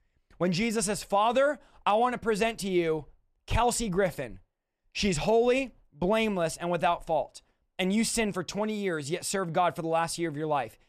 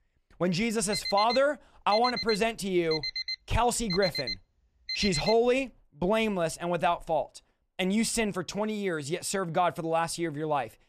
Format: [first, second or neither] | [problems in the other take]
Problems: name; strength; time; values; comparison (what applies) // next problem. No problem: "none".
first | alarm; noticeable; from 1 to 5.5 s; peak 3 dB below the speech